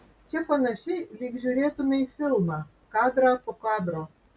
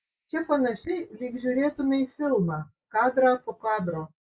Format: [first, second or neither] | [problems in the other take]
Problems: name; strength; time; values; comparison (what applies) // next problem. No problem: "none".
first | noise reduction (neural mask model Resemble Enhance denoiser)